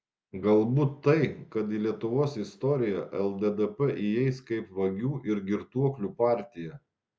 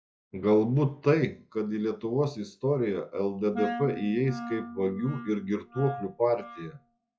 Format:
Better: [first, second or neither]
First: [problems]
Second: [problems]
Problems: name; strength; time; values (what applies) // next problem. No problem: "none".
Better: first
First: none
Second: noise reduction (classical method log-MMSE)